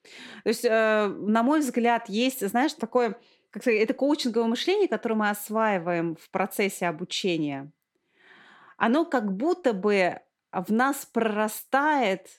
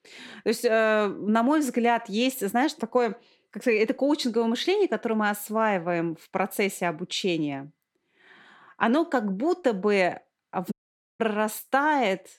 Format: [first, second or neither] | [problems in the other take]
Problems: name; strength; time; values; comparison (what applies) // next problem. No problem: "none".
first | audio cutting out; at 11 s